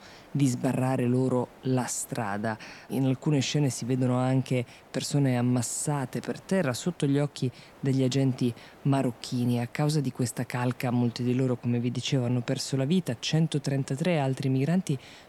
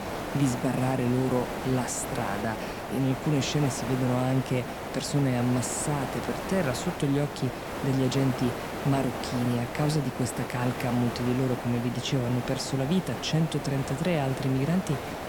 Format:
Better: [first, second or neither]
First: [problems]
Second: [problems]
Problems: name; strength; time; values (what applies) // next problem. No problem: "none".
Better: first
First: hiss; faint; throughout; 25 dB below the speech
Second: hiss; loud; throughout; 6 dB below the speech